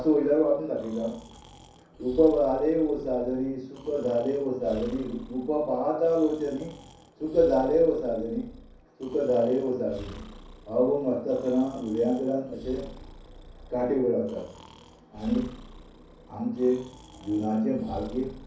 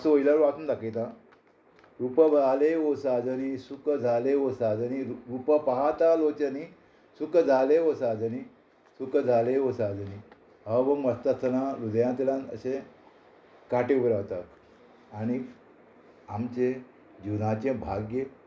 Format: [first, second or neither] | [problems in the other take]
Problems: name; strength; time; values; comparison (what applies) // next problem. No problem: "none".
second | background sound (Breathing); 20 dB below the speech // room echo; dies away in 0.6 s